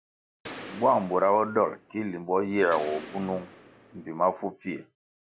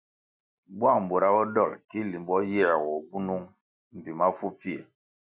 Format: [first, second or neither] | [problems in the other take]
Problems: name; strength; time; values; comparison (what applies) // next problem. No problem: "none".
second | background sound (Gunshot, gunfire); 17 dB below the speech